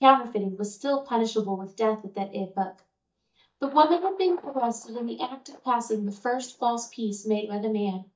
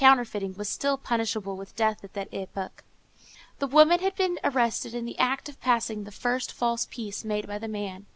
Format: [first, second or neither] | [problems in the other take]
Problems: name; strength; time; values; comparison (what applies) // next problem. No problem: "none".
second | noise reduction (neural mask model DeepFilterNet 3)